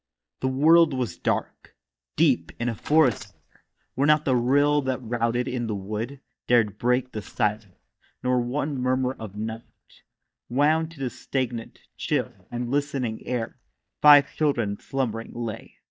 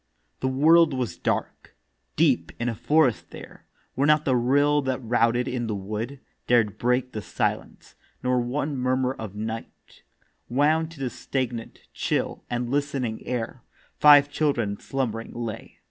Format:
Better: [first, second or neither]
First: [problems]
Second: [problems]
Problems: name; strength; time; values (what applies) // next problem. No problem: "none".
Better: second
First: noise reduction (neural mask model DeepFilterNet 3)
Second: none